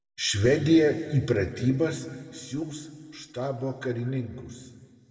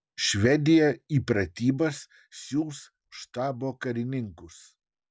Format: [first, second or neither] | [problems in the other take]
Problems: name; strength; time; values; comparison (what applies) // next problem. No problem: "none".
second | room echo; dies away in 2 s